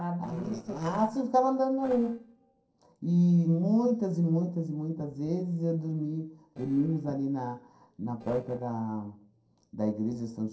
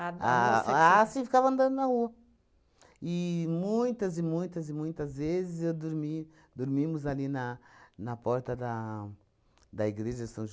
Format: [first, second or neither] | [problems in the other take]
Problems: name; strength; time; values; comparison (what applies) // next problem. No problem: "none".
second | noise reduction (neural separator model SepFormer DNS4)